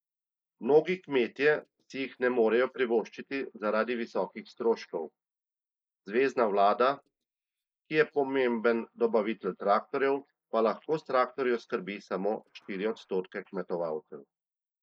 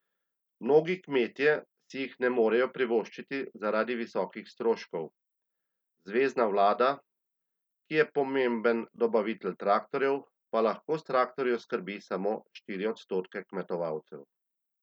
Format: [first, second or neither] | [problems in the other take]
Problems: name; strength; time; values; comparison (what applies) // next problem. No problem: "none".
second | noise reduction (neural mask model Resemble Enhance denoiser)